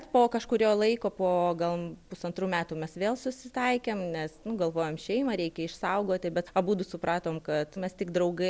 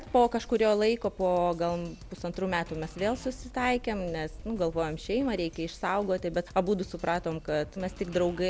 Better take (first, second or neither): first